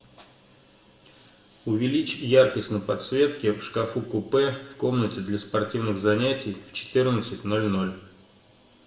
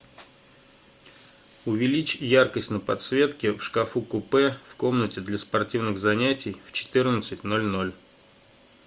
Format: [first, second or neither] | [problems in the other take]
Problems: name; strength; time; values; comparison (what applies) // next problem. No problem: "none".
second | room echo; dies away in 0.8 s